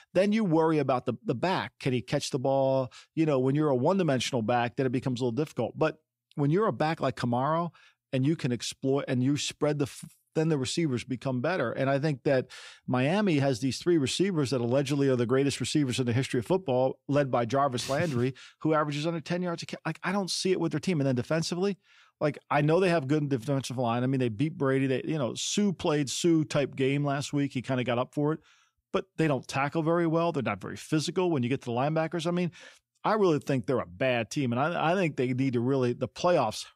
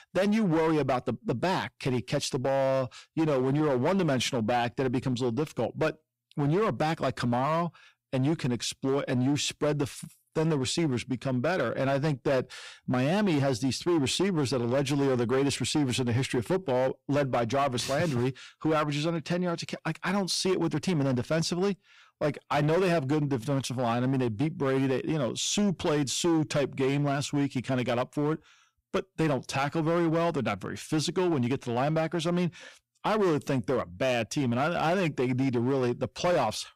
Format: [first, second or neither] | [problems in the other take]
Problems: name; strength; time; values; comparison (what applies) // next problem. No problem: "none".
first | distortion; slight; 12% of the sound clipped